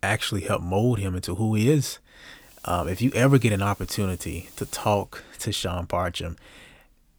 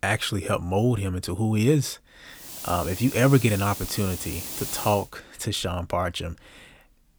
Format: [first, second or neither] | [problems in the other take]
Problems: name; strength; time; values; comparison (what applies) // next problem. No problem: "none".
first | hiss; loud; from 2.5 to 5 s; 9 dB below the speech; faint in the first